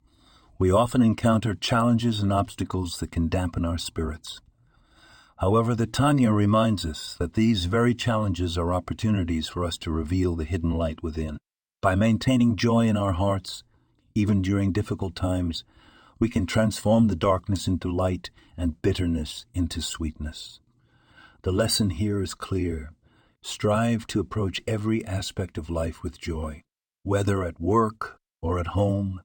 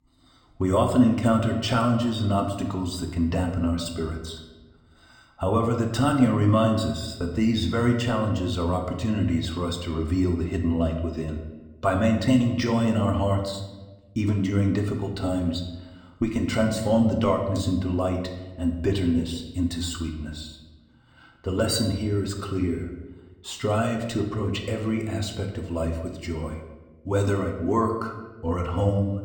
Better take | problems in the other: first | room echo; slight; dies away in 0.9 s

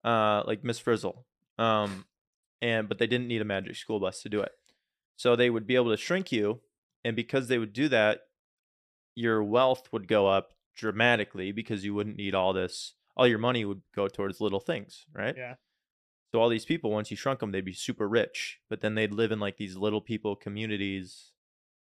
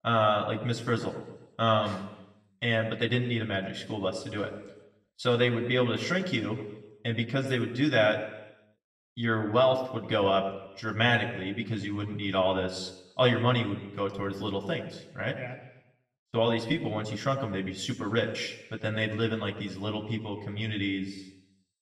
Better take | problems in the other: first | room echo; slight; dies away in 0.9 s // off-mic speech; somewhat distant

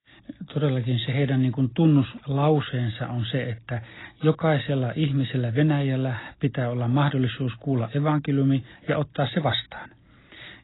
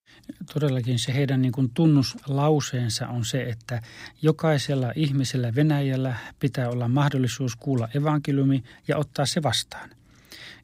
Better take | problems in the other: second | garbled, watery; badly; nothing above 4 kHz

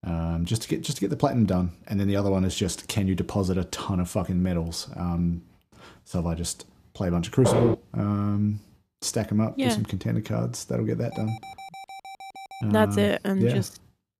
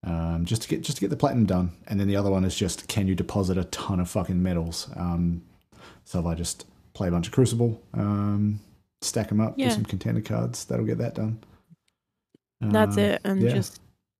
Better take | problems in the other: second | footsteps; loud; at 7.5 s; peak 3 dB above the speech // alarm; faint; from 11 to 13 s; peak 15 dB below the speech

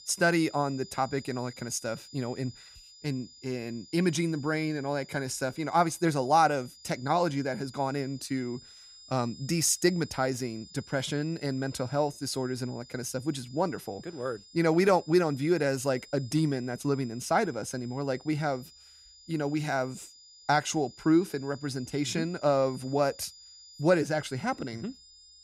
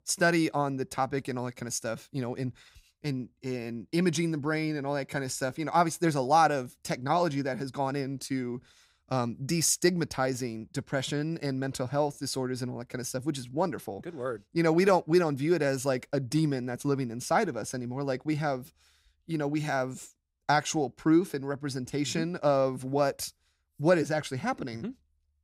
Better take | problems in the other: second | high-pitched whine; faint; throughout; 5 kHz, 20 dB below the speech

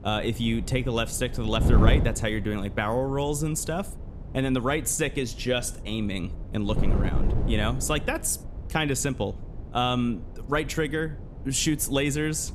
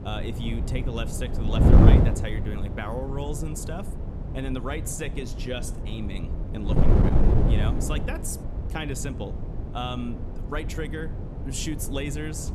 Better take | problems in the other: first | wind noise on the microphone; heavy; as loud as the speech; occasional gusts in the first

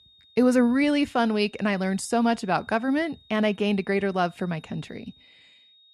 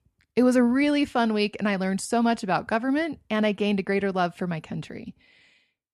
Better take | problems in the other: second | high-pitched whine; faint; throughout; 3.5 kHz, 30 dB below the speech

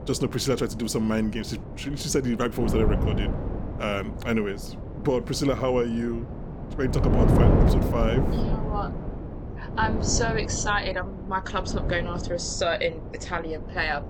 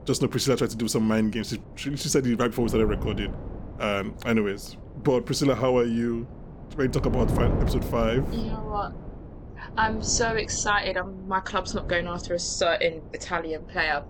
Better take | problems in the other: second | wind noise on the microphone; heavy; 7 dB below the speech; occasional gusts in the second

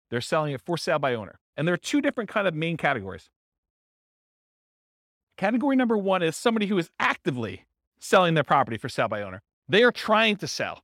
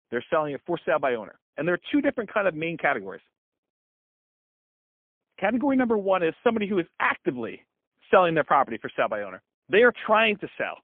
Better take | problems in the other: first | phone-call audio; poor line; nothing above 3.5 kHz

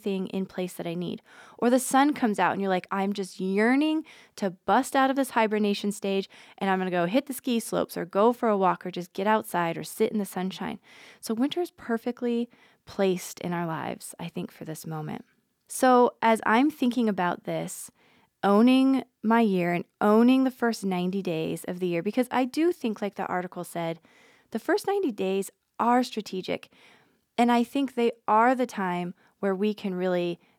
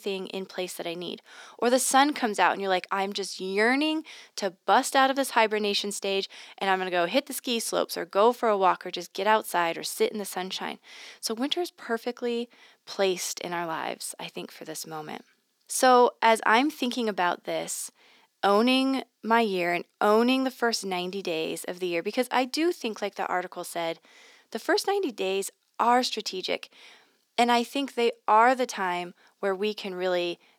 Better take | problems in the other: first | thin; very slightly; fading below 350 Hz

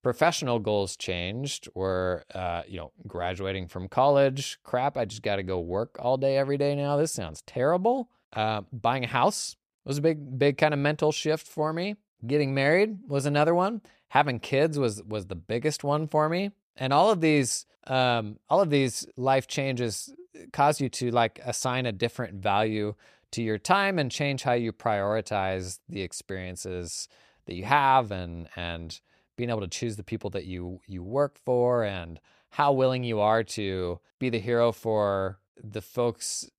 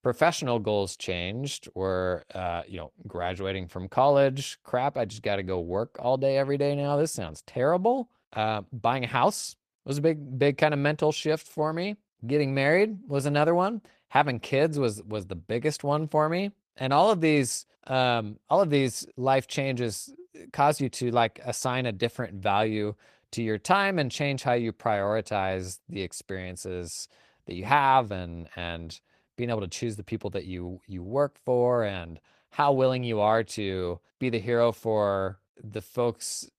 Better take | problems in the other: first | garbled, watery; slightly; nothing above 14.5 kHz

